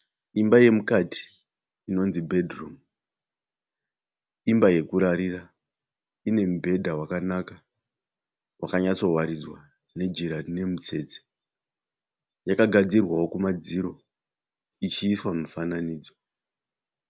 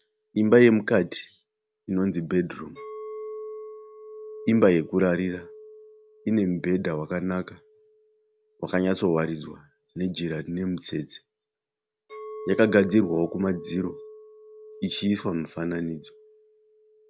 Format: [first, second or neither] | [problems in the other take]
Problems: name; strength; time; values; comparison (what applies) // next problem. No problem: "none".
first | background sound (Chink, clink); 18 dB below the speech